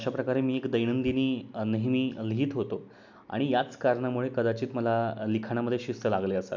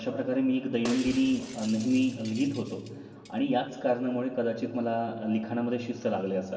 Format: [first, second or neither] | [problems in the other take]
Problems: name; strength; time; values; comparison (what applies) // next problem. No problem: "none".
first | background sound (Shatter); 16 dB below the speech // room echo; dies away in 2.1 s